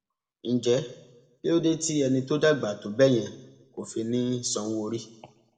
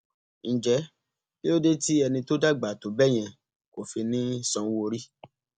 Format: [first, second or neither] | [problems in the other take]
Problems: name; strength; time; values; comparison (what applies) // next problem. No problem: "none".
second | room echo; dies away in 0.8 s